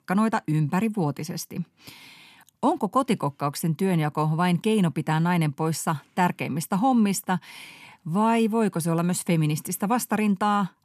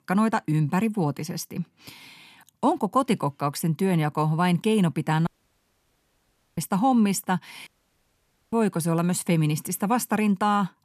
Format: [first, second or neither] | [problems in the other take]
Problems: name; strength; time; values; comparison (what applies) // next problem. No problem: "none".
first | audio cutting out; at 5.5 s for 1.5 s and at 7.5 s for 1 s